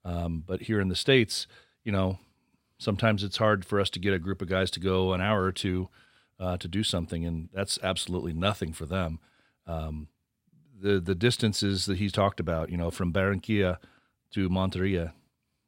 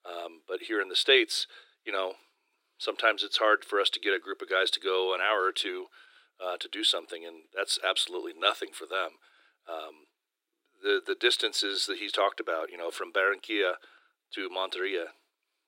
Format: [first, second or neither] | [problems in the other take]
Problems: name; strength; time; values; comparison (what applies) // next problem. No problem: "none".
first | thin; very; fading below 300 Hz